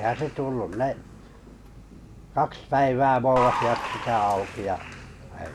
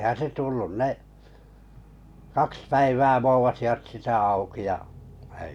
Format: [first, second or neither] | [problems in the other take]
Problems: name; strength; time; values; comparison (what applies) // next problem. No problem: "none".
second | background sound (Applause / Crowd); 9 dB below the speech